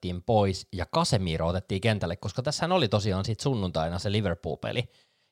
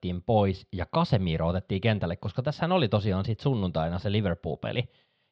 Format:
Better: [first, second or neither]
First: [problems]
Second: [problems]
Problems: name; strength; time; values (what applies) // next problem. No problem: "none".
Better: first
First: none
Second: muffled; slightly; fading above 3.5 kHz